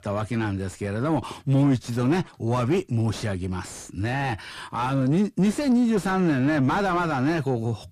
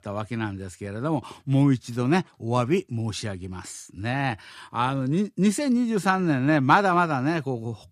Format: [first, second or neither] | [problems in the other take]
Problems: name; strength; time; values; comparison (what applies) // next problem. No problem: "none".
second | distortion; heavy; 6 dB below the speech